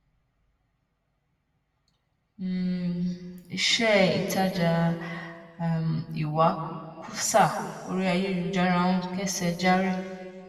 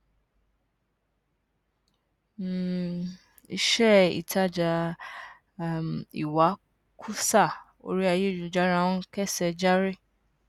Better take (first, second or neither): second